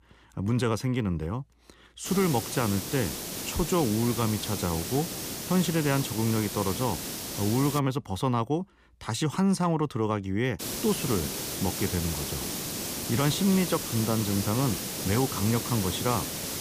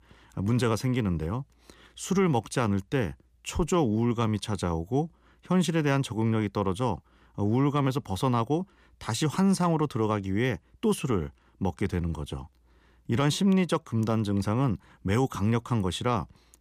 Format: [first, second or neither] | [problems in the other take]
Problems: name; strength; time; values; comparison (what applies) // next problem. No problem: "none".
second | hiss; loud; from 2 to 8 s and from 11 s on; 4 dB below the speech